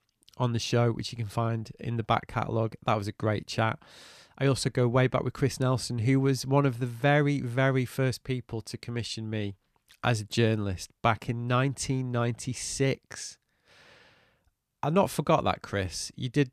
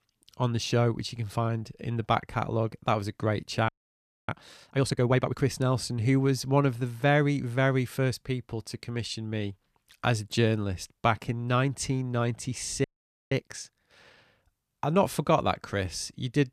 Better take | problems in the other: first | audio freezing; at 3.5 s for 0.5 s and at 13 s

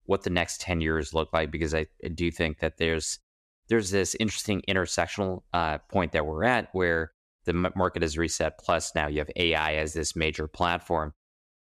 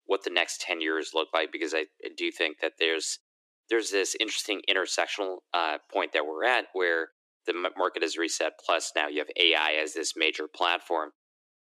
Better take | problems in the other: first | thin; very; fading below 300 Hz

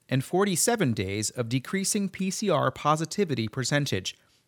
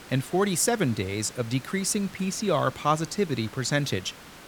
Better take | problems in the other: first | hiss; noticeable; throughout; 20 dB below the speech

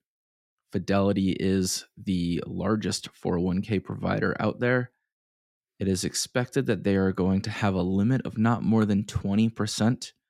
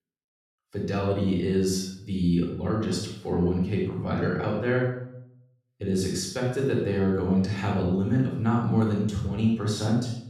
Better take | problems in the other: first | off-mic speech; far // room echo; noticeable; dies away in 0.6 s

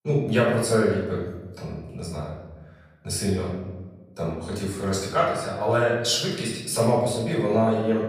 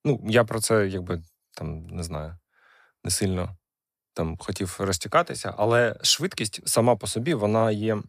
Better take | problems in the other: second | room echo; noticeable; dies away in 1 s // off-mic speech; far

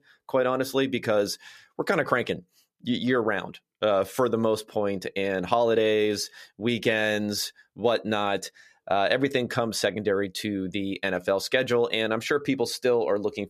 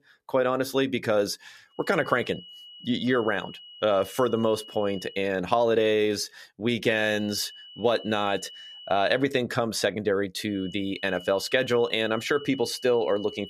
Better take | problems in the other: first | high-pitched whine; noticeable; from 2 to 5 s, from 7 to 9 s and from 11 s on; 3 kHz, 15 dB below the speech

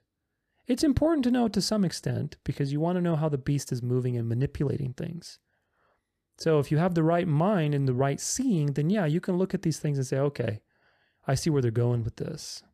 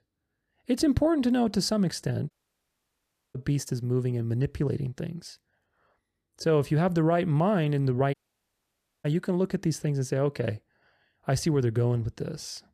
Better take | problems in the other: first | audio cutting out; at 2.5 s for 1 s and at 8 s for 1 s

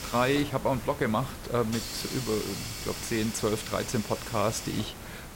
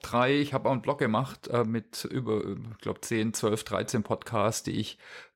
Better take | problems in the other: second | hiss; loud; throughout; 7 dB below the speech

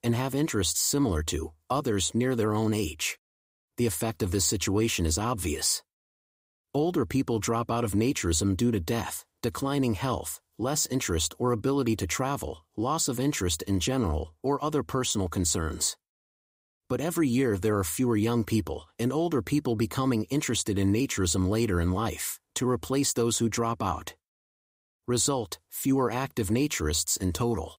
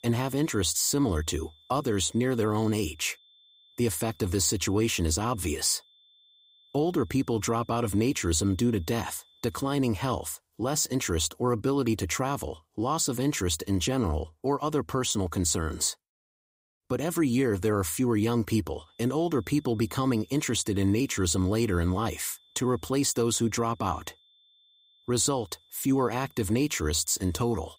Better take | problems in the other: first | high-pitched whine; faint; until 9.5 s and from 19 s on; 3.5 kHz, 30 dB below the speech

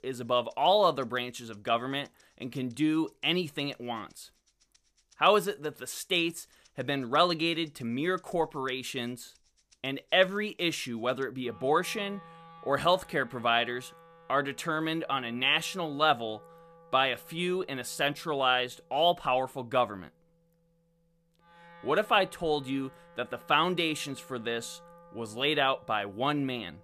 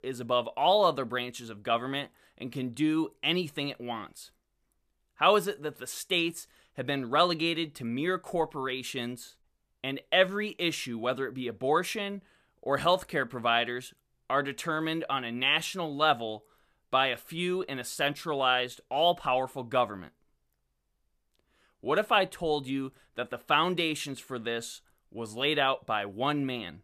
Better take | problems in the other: second | background music; faint; throughout; 25 dB below the speech

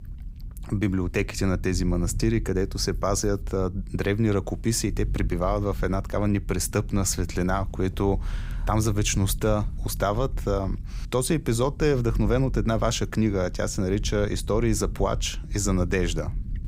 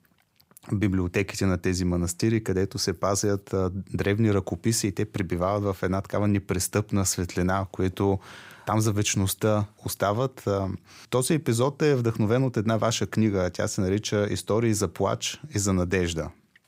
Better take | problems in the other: second | low rumble; faint; throughout; 25 dB below the speech

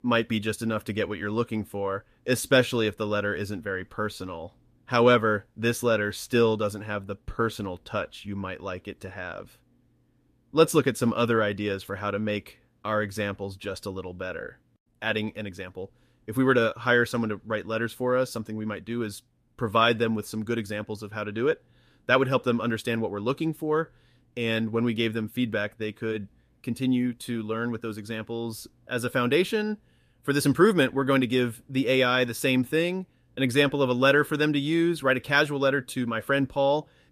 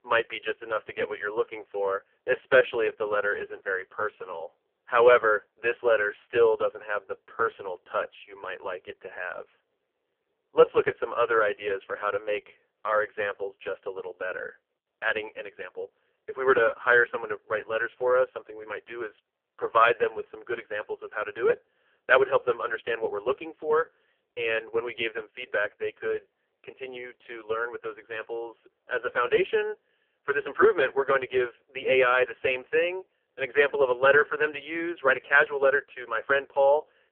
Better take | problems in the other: first | phone-call audio; poor line; nothing above 3 kHz

